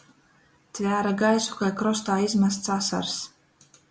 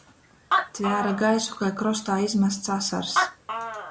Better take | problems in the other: first | background sound (Animal); 5 dB below the speech

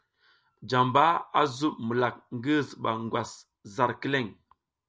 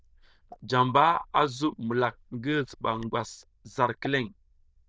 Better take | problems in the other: first | noise reduction (neural diffusion model UNIVERSE++)

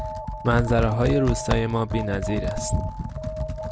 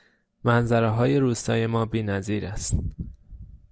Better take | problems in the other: second | background sound (Computer keyboard + Alarm); 3 dB below the speech

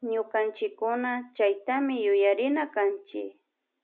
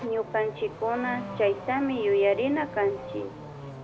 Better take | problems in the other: first | background sound (Accelerating, revving, vroom / Car); 12 dB below the speech

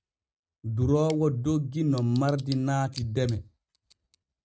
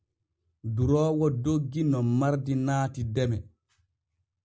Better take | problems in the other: second | noise reduction (neural mask model RNNoise)

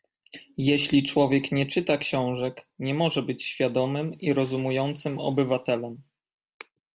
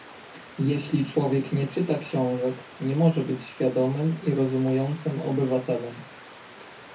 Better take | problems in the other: first | background sound (Stream); 19 dB below the speech // room echo; dies away in 0.3 s

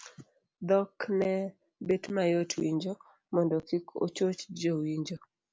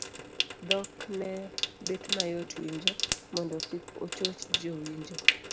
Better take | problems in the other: first | background sound (Trickle, dribble / Sink (filling or washing) / Water tap, faucet); 4 dB above the speech

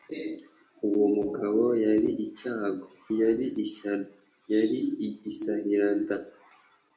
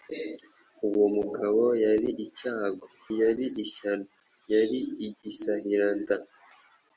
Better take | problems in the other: second | room echo; dies away in 0.3 s

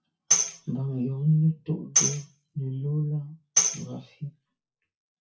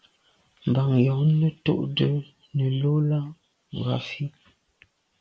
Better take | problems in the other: second | noise reduction (classical method WPE with log-MMSE)

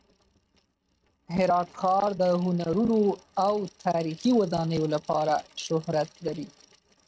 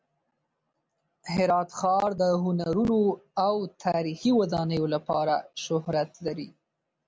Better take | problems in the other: second | noise reduction (neural mask model RNNoise)

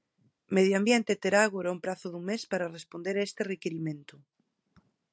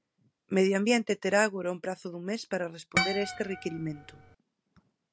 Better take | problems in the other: first | background sound (Harp); 3 dB below the speech

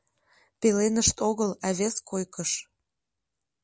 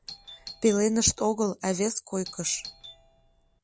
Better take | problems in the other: first | background sound (Doorbell); 18 dB below the speech

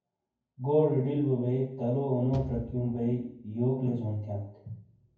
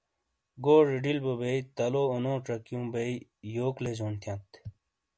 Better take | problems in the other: second | background sound (Bass drum / Thump, thud); 13 dB below the speech // room echo; dies away in 0.9 s

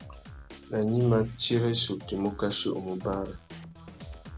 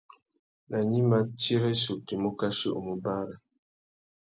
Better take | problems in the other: second | background sound (Drum kit); 15 dB below the speech

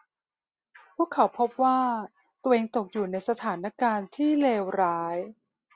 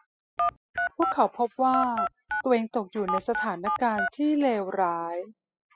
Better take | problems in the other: first | noise reduction (classical method spectral subtraction)

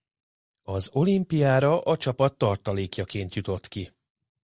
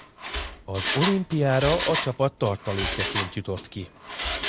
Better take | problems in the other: first | background sound (Mechanisms); 5 dB below the speech

